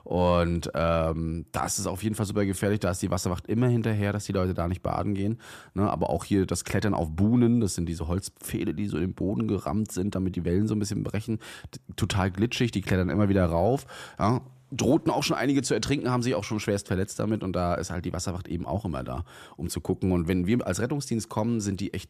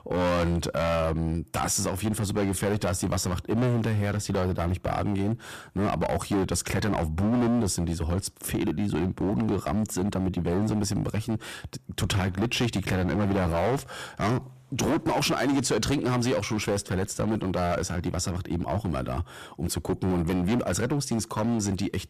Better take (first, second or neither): first